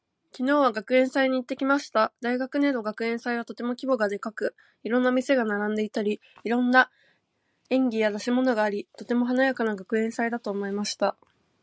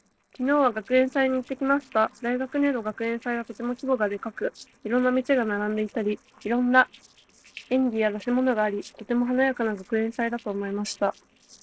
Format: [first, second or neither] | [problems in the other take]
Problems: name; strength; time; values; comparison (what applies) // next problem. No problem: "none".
first | noise reduction (neural separator model SepFormer DNS4)